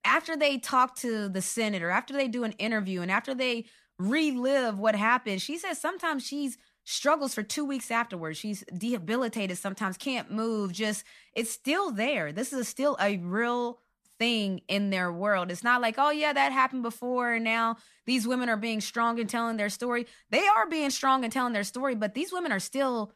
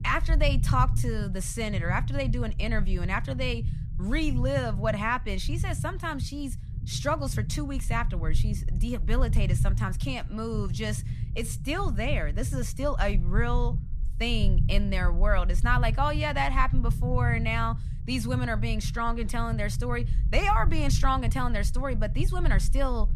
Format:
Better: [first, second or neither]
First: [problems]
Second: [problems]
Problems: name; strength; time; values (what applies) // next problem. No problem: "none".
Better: first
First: none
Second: low rumble; noticeable; throughout; 15 dB below the speech